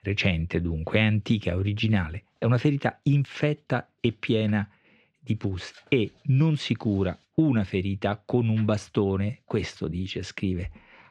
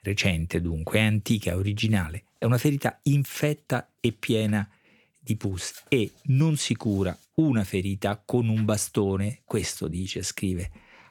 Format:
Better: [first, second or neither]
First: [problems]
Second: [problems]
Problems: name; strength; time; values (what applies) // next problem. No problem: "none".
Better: second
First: muffled; slightly; fading above 4 kHz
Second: none